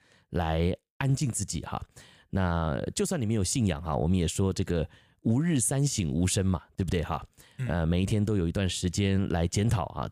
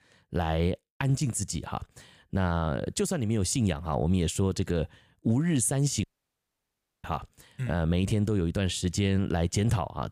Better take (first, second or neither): first